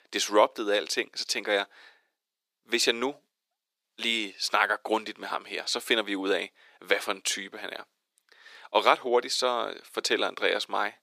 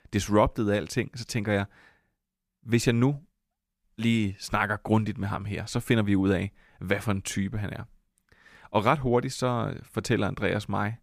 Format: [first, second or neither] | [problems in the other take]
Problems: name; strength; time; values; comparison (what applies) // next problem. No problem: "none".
second | thin; very; fading below 350 Hz